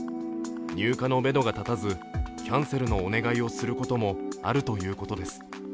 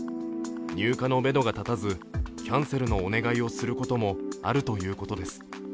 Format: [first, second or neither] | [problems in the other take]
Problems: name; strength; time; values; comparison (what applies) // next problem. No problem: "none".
second | background sound (Wind instrument, woodwind instrument); 20 dB below the speech